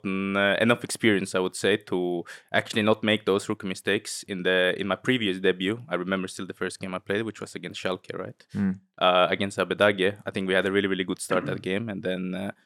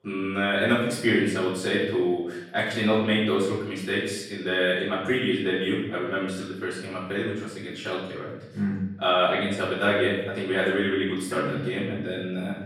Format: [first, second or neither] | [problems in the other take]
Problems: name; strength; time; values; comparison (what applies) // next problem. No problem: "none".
first | off-mic speech; far // room echo; noticeable; dies away in 0.8 s